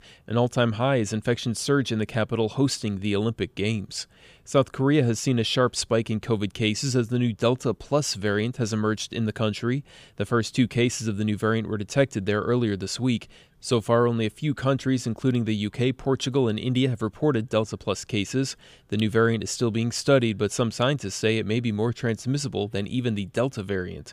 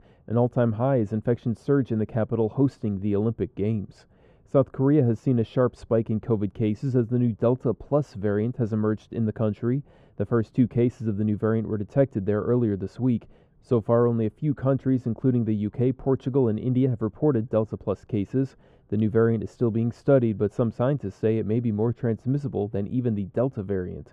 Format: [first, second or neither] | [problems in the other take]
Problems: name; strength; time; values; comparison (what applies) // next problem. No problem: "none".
first | muffled; very; fading above 2 kHz